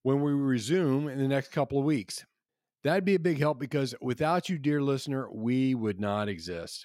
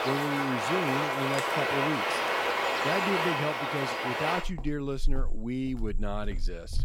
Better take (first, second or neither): first